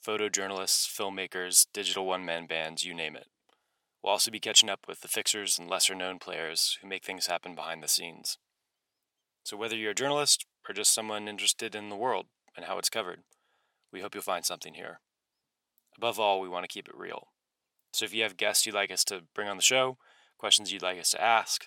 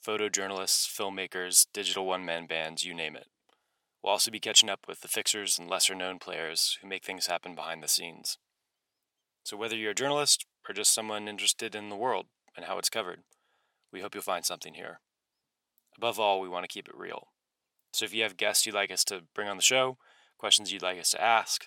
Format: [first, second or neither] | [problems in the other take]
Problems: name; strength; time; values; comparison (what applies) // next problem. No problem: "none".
neither | thin; very; fading below 500 Hz; the same in both